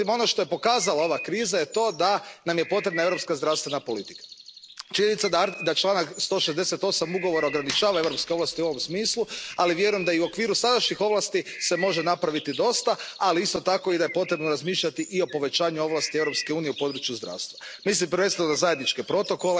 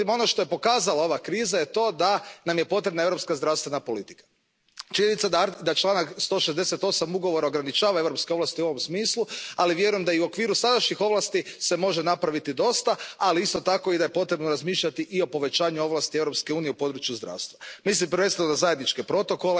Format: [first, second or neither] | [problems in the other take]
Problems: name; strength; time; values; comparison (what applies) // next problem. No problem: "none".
second | background sound (Coin (dropping) + Bird); 15 dB below the speech